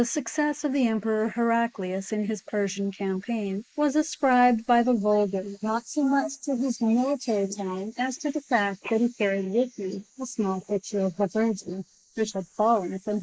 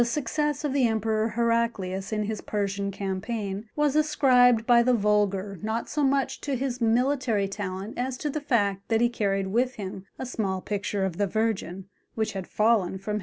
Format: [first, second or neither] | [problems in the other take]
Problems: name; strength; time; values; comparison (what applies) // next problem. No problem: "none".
second | noise reduction (neural mask model Resemble Enhance denoiser)